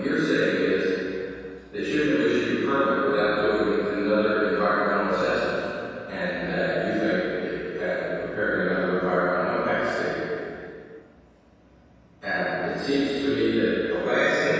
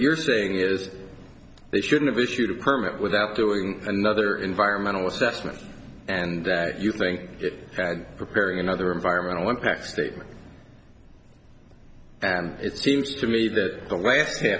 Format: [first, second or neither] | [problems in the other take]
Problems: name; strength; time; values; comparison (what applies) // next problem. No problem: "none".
second | room echo; dies away in 2.2 s